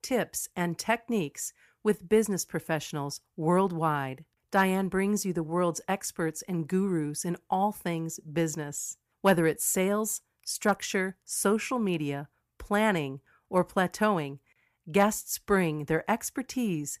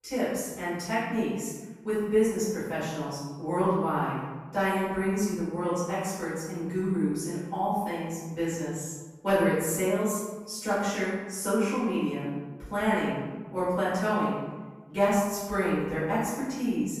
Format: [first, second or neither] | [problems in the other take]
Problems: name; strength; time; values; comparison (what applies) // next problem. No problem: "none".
first | off-mic speech; far // room echo; strong; dies away in 1.1 s